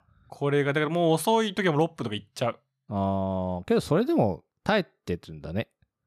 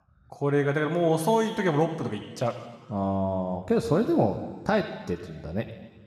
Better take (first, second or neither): first